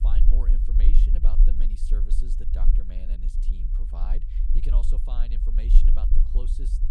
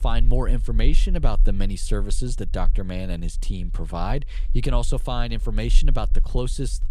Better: second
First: low rumble; loud; throughout; 2 dB below the speech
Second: low rumble; faint; throughout; 20 dB below the speech

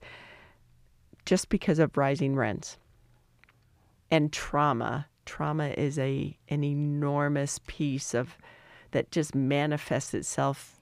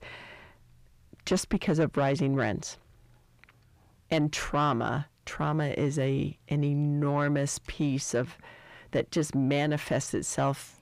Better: first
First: none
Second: distortion; slight; 10 dB below the speech

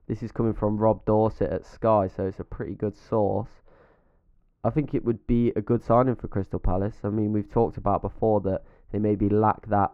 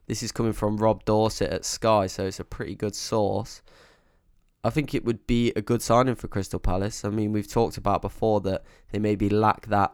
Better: second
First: muffled; very; fading above 3 kHz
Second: none

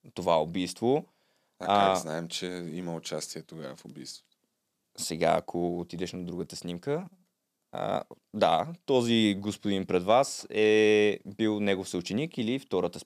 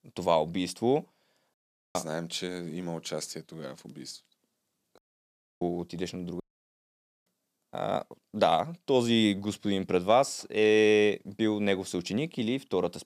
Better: first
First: none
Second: audio cutting out; at 1.5 s, at 5 s for 0.5 s and at 6.5 s for 1 s

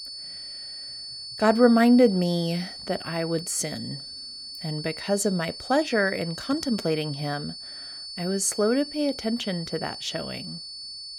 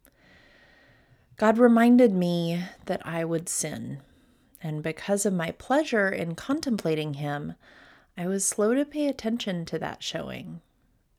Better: second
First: high-pitched whine; noticeable; throughout; 4.5 kHz, 10 dB below the speech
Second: none

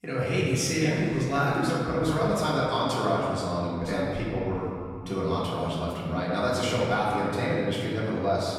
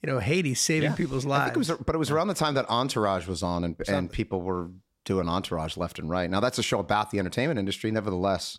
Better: second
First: room echo; noticeable; dies away in 2.1 s // off-mic speech; far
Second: none

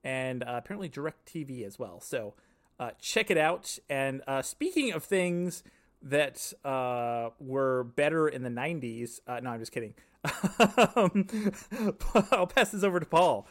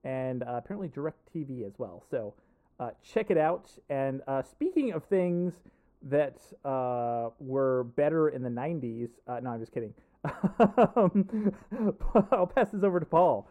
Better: first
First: none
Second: muffled; very; fading above 2 kHz

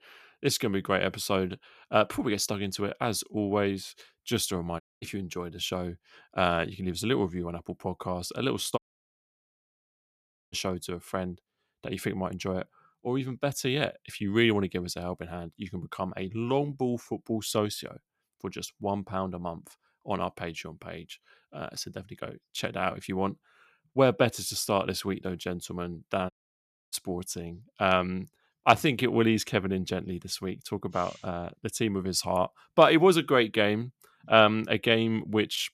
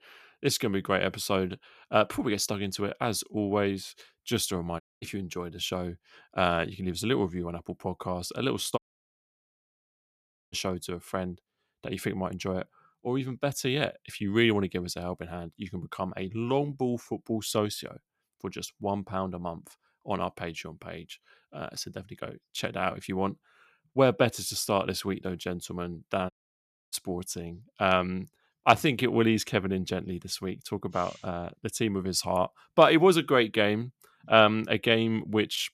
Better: neither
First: audio cutting out; at 5 s, at 9 s for 1.5 s and at 26 s for 0.5 s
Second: audio cutting out; at 5 s, at 9 s for 1.5 s and at 26 s for 0.5 s

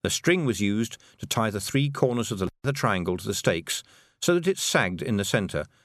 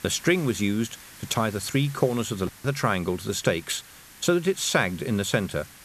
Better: first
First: none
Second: hiss; noticeable; throughout; 20 dB below the speech

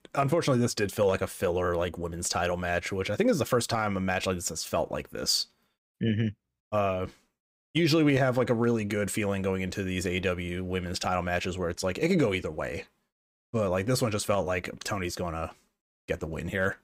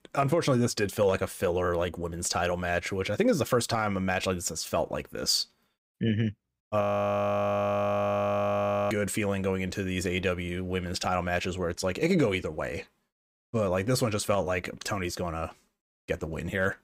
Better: first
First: none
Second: audio freezing; at 7 s for 2 s

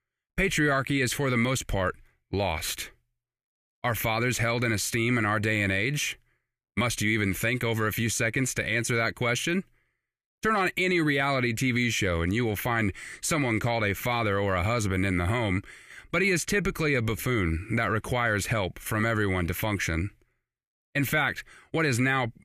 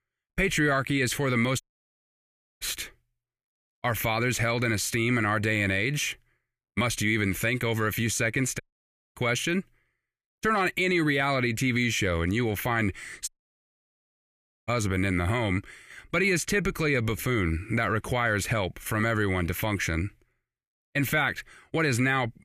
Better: first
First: none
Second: audio cutting out; at 1.5 s for 1 s, at 8.5 s for 0.5 s and at 13 s for 1.5 s

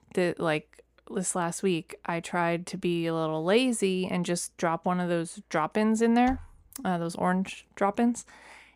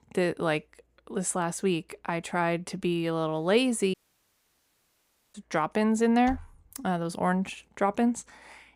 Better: first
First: none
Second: audio cutting out; at 4 s for 1.5 s

